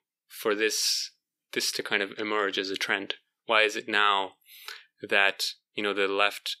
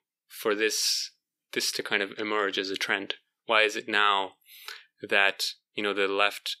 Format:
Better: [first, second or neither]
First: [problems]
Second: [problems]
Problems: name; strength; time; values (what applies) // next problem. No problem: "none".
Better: neither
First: thin; somewhat; fading below 400 Hz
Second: thin; somewhat; fading below 400 Hz